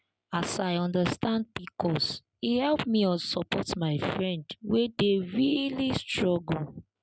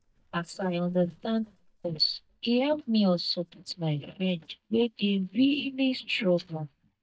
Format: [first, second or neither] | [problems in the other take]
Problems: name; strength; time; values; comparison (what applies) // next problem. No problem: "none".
first | noise reduction (neural mask model DeepFilterNet 3)